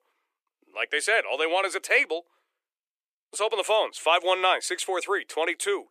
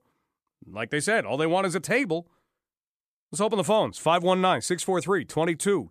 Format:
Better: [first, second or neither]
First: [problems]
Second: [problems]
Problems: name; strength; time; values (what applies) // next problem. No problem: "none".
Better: second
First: thin; very; fading below 400 Hz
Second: none